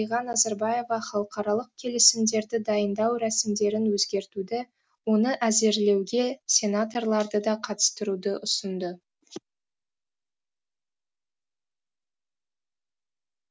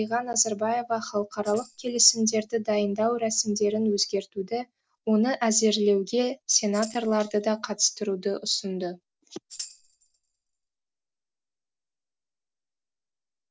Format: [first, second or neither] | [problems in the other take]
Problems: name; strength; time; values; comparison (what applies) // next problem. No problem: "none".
first | noise reduction (neural separator model SepFormer DNS4)